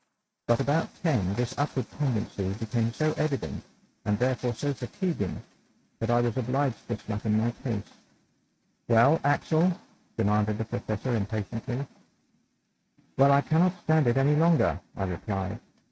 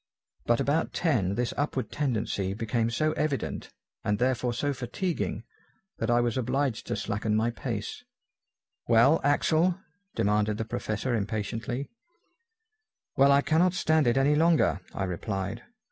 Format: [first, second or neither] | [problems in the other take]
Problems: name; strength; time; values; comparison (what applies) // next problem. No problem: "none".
second | noise reduction (neural mask model RNNoise)